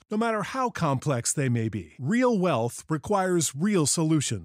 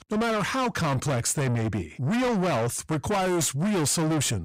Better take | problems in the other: first | distortion; heavy; 6 dB below the speech

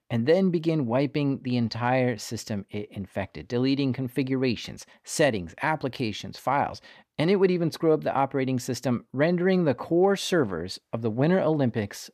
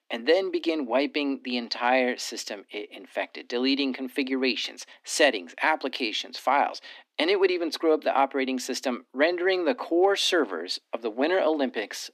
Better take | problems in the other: first | thin; very slightly; fading below 250 Hz

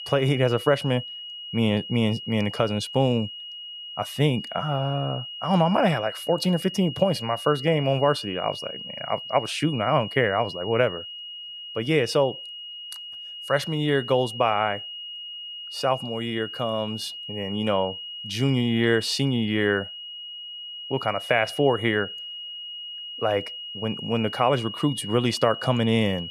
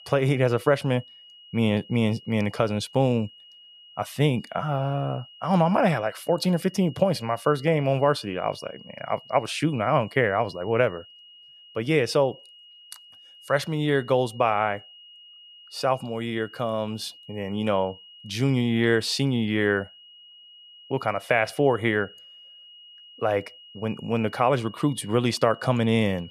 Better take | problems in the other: second | high-pitched whine; loud; throughout; 3 kHz, 10 dB below the speech; faint in the second

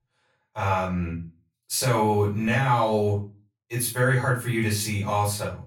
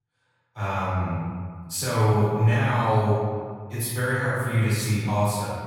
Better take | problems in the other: first | room echo; strong; dies away in 1.8 s; slight in the first // off-mic speech; far; far in the first

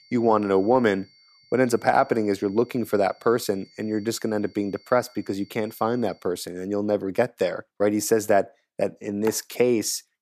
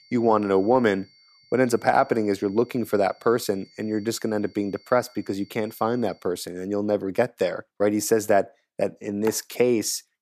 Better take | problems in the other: neither | high-pitched whine; faint; until 6 s; 4.5 kHz, 30 dB below the speech; the same in both

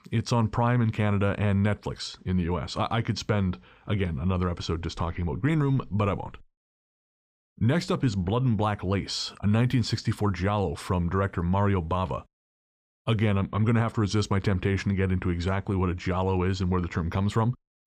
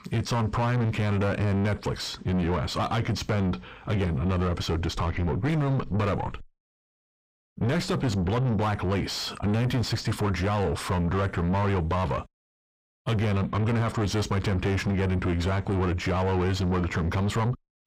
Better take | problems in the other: first | distortion; heavy; 6 dB below the speech

